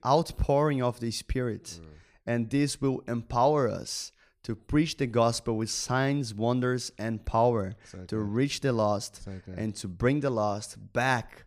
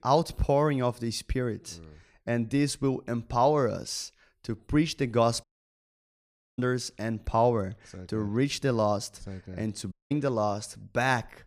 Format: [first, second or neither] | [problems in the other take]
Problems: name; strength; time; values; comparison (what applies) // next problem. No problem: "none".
first | audio cutting out; at 5.5 s for 1 s and at 10 s